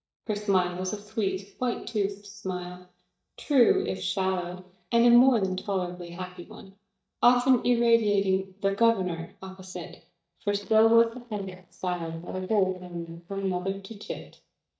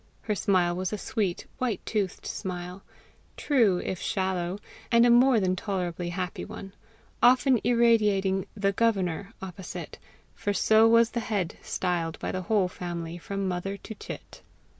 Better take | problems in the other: second | noise reduction (neural mask model DeepFilterNet 3)

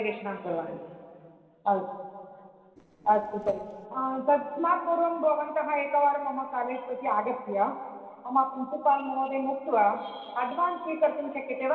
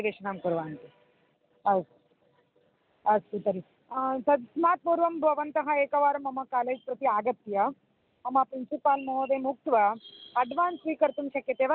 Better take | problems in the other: second | noise reduction (neural separator model SepFormer DNS4)

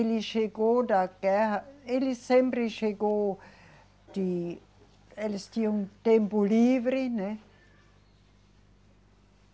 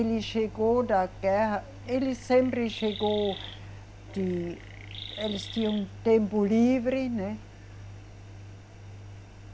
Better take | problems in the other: first | background sound (Engine + Chirp, tweet); 14 dB below the speech

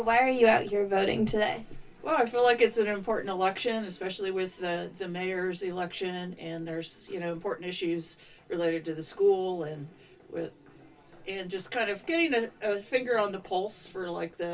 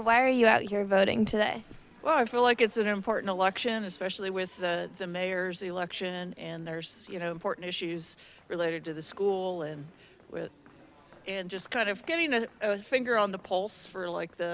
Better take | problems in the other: second | room echo; dies away in 0.1 s

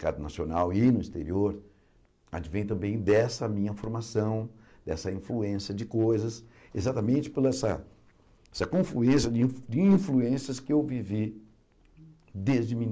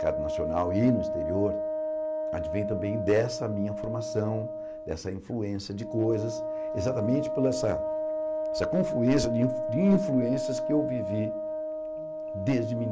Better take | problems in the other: first | background sound (Wind instrument, woodwind instrument); 3 dB below the speech

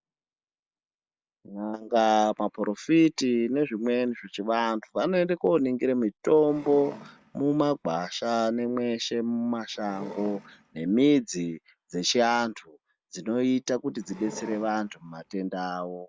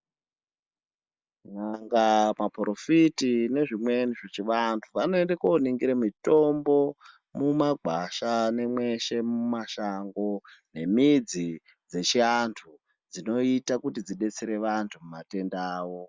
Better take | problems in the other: second | background sound (Wood); 18 dB below the speech

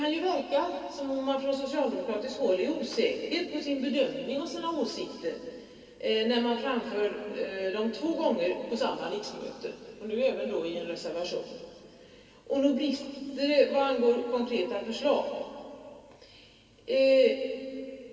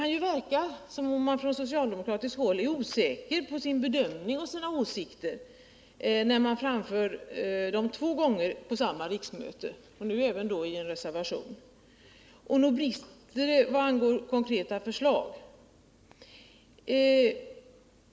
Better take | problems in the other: second | room echo; dies away in 2.5 s

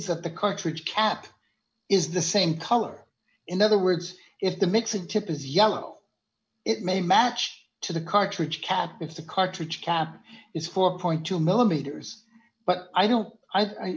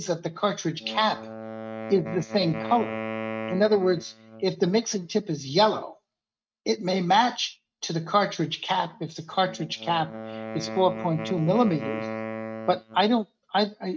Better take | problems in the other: first | noise reduction (neural mask model RNNoise)

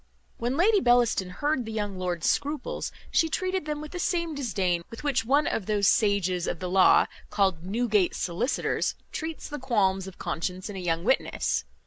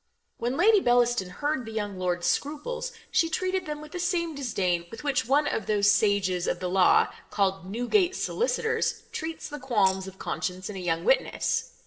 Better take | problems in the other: first | noise reduction (neural separator model SepFormer DNS4)

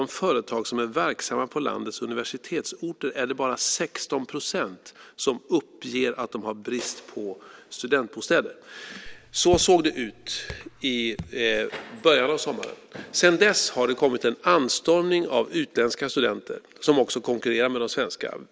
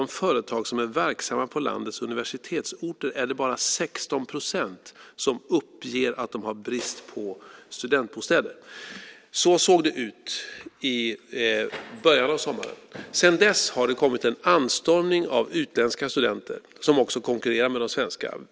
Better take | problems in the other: second | background sound (Raindrop / Drip); 13 dB below the speech

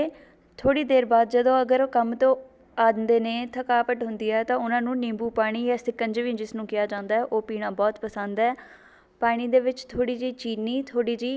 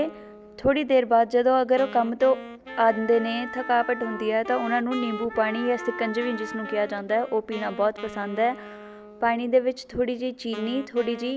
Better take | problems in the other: first | background sound (Wind instrument, woodwind instrument + Wind instrument, woodwind instrument); 14 dB below the speech

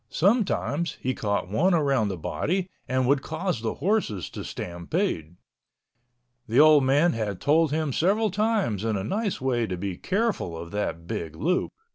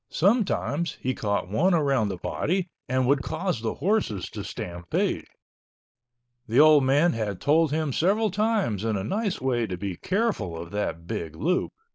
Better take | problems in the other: first | noise reduction (neural mask model Resemble Enhance denoiser)

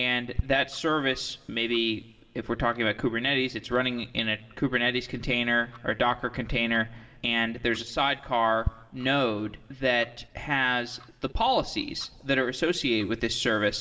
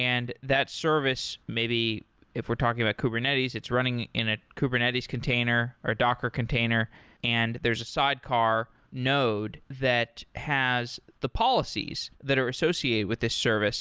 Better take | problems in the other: second | noise reduction (neural separator model SepFormer DNS4)

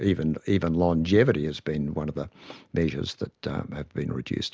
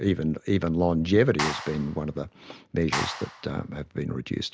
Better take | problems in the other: first | background sound (Clapping); 8 dB below the speech

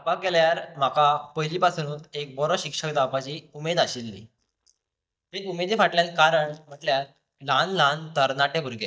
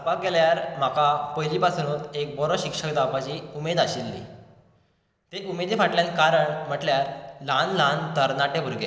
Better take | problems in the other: second | noise reduction (neural mask model DeepFilterNet 3)

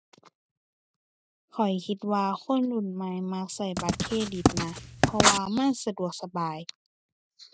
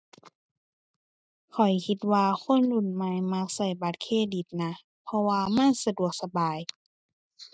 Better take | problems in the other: second | background sound (Writing); 5 dB above the speech

